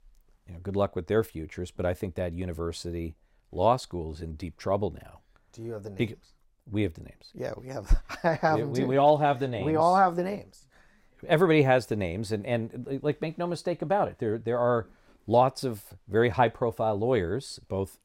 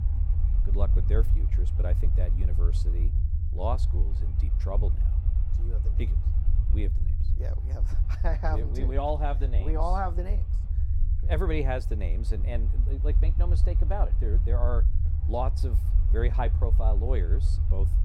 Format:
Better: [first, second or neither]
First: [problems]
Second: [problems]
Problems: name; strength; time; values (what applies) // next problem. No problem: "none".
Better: first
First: none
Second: low rumble; noticeable; throughout; 10 dB below the speech